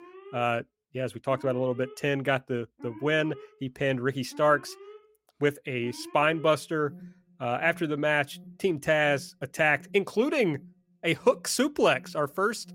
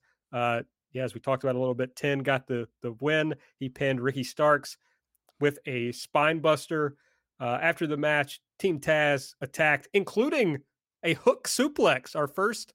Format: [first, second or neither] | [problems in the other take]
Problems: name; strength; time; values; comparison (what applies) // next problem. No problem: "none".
second | alarms or sirens; faint; throughout; 20 dB below the speech